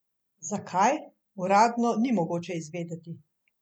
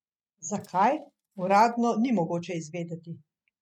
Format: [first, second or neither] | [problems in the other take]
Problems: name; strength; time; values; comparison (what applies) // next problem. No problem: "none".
first | noise reduction (neural mask model RNNoise)